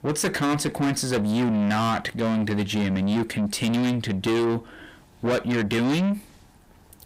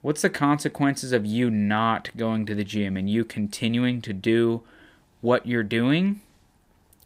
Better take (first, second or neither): second